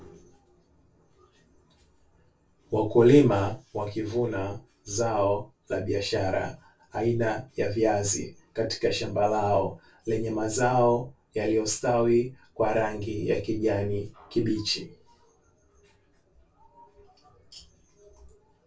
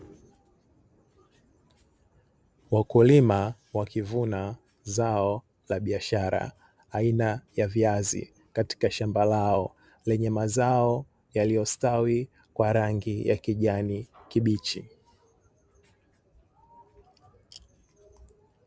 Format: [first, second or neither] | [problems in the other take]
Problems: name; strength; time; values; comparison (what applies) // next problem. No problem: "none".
second | room echo; dies away in 0.2 s